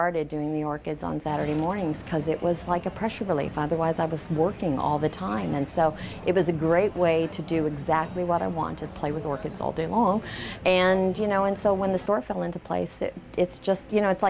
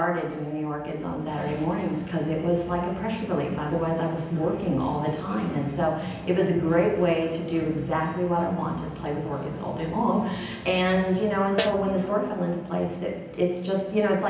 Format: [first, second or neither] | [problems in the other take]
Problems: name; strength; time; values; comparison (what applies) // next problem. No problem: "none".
first | background sound (Snare drum); 11 dB below the speech // room echo; dies away in 0.9 s